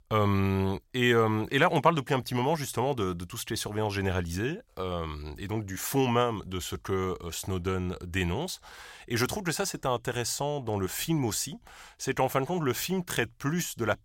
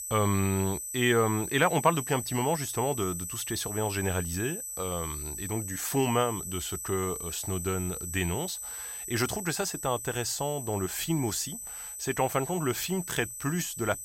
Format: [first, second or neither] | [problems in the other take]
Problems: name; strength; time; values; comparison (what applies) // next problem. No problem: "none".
first | high-pitched whine; loud; throughout; 8 kHz, 6 dB below the speech